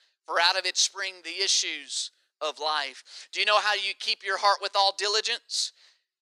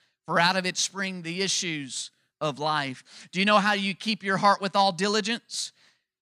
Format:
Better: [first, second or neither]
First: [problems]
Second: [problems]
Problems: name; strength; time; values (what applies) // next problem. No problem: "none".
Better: second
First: thin; very; fading below 400 Hz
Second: none